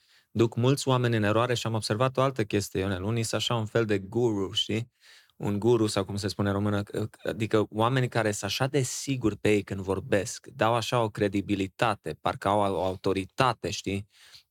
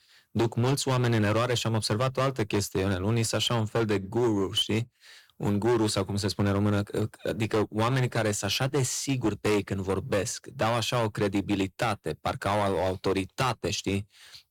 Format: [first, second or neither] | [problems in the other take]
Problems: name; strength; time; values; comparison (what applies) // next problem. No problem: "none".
first | distortion; heavy; 10% of the sound clipped